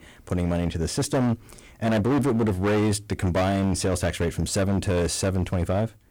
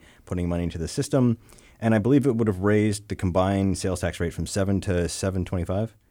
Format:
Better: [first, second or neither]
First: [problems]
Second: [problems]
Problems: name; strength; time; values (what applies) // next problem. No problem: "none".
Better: second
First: distortion; heavy; 18% of the sound clipped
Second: none